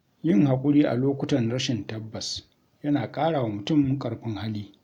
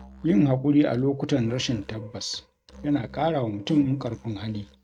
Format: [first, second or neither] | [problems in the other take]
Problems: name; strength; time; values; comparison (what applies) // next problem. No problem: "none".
first | noise reduction (neural mask model RNNoise)